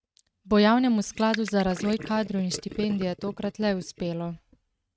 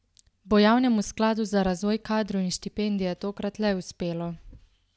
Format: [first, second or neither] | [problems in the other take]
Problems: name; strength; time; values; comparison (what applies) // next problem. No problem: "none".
second | noise reduction (neural mask model RNNoise)